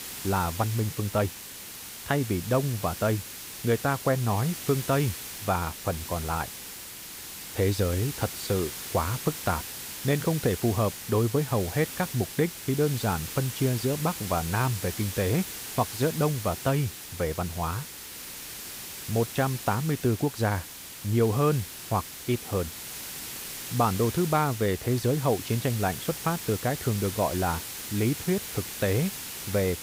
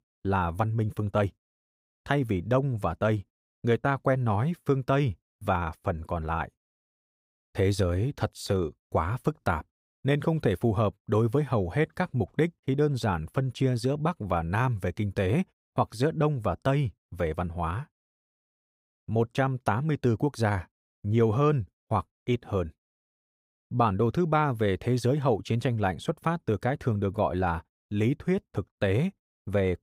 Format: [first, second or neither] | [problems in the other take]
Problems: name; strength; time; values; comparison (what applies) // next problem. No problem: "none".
second | hiss; loud; throughout; 8 dB below the speech